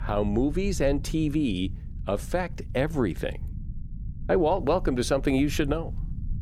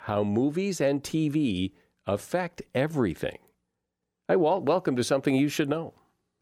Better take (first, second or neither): second